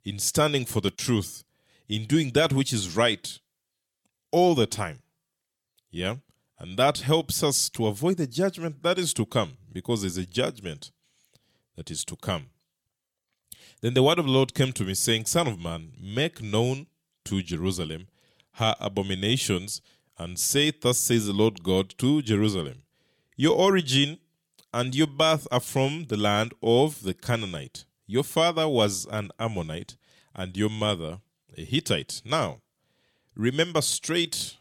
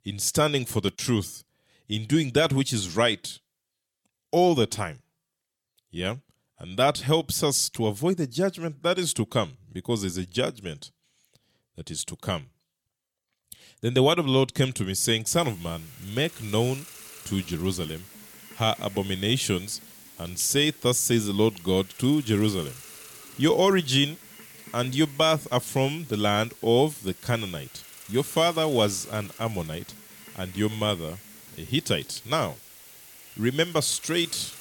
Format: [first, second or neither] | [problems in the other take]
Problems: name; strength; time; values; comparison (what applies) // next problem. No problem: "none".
first | hiss; noticeable; from 15 s on; 20 dB below the speech